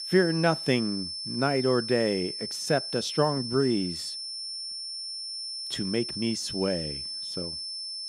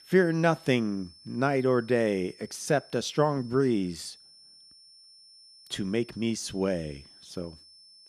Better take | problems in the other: second | high-pitched whine; loud; throughout; 5.5 kHz, 5 dB below the speech; faint in the second

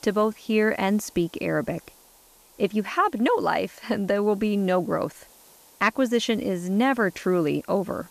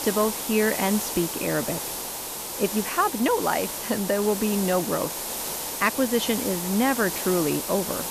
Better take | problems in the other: first | hiss; loud; throughout; 4 dB below the speech; faint in the first

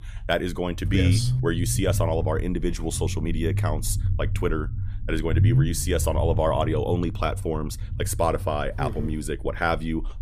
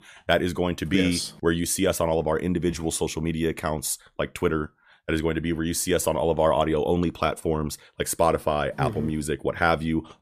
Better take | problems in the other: second | low rumble; noticeable; throughout; 15 dB below the speech

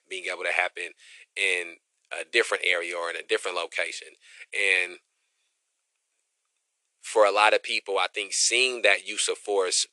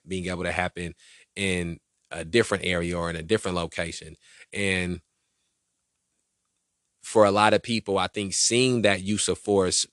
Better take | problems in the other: second | thin; very; fading below 400 Hz

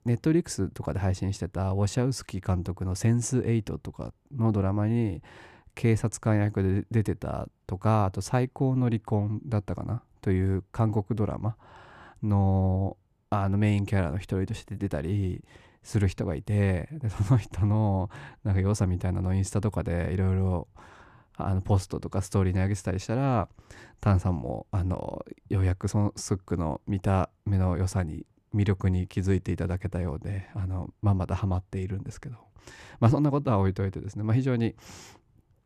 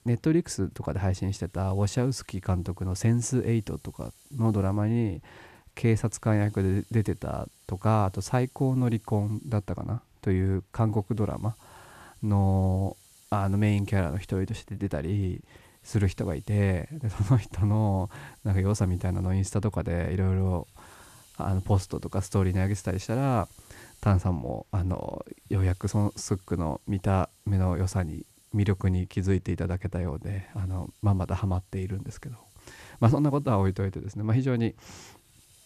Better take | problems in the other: first | hiss; faint; throughout; 30 dB below the speech

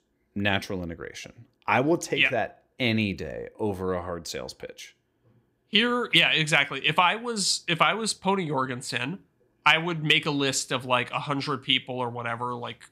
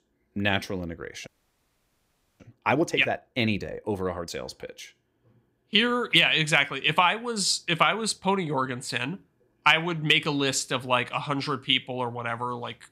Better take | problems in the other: first | audio freezing; at 1.5 s for 1 s

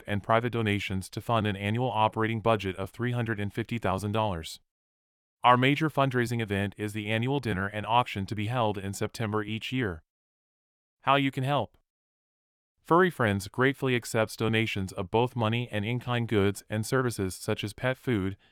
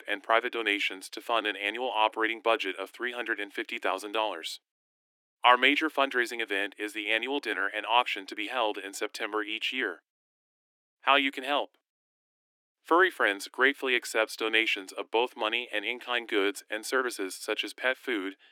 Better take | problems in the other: first | thin; somewhat; fading below 300 Hz

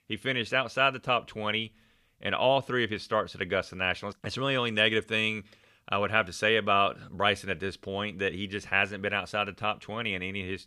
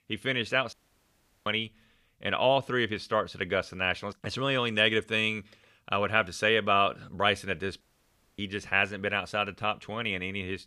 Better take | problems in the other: first | audio cutting out; at 0.5 s for 0.5 s and at 8 s for 0.5 s

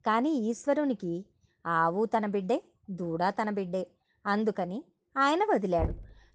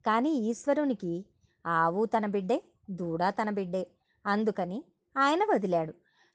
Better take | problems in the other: second | door banging; noticeable; at 6 s; peak 7 dB below the speech

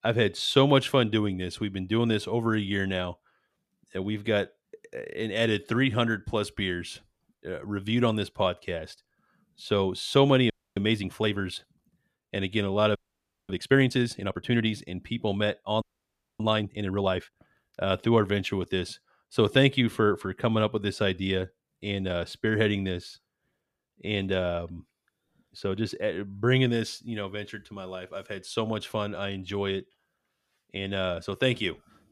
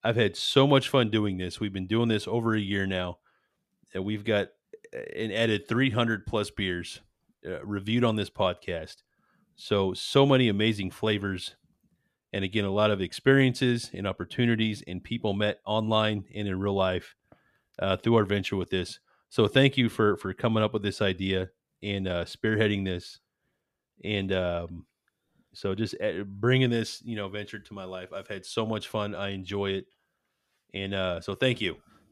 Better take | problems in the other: second | audio freezing; at 11 s, at 13 s for 0.5 s and at 16 s for 0.5 s

